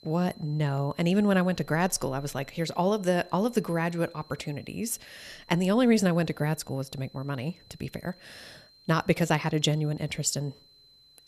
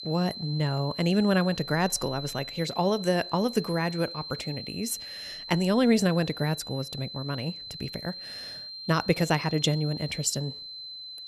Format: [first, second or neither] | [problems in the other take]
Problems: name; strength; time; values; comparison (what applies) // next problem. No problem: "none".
first | high-pitched whine; loud; throughout; 4 kHz, 10 dB below the speech; faint in the first